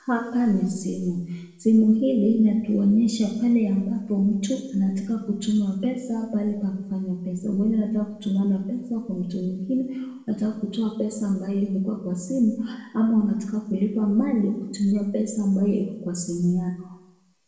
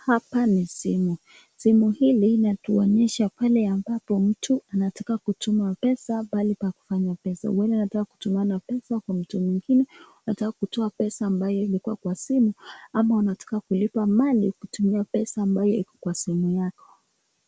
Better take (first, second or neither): second